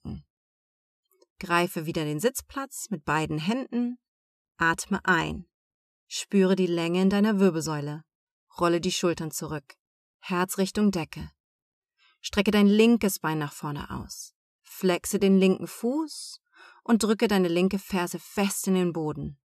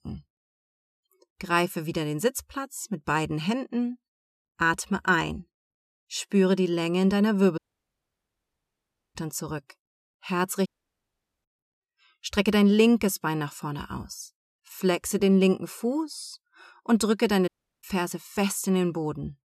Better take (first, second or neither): first